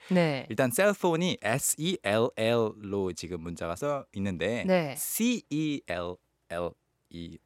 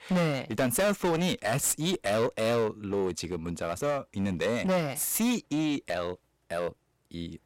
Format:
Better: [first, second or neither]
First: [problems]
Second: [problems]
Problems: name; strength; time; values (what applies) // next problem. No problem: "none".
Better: first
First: none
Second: distortion; heavy; 12% of the sound clipped